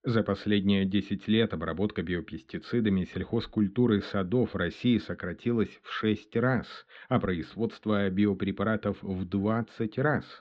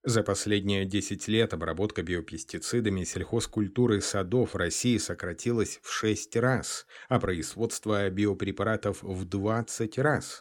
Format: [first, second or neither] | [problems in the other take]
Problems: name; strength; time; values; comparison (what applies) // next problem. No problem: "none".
second | muffled; very; fading above 4 kHz